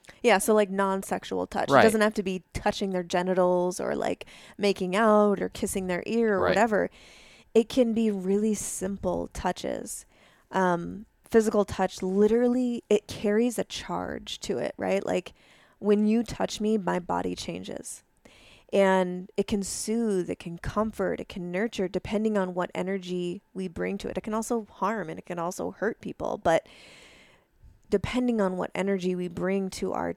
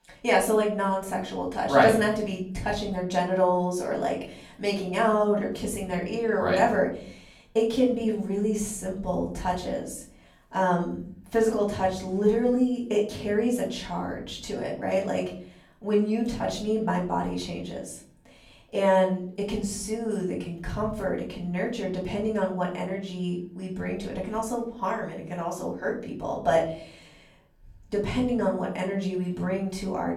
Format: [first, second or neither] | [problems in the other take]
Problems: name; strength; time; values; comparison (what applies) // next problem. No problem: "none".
first | off-mic speech; far // room echo; slight; dies away in 0.7 s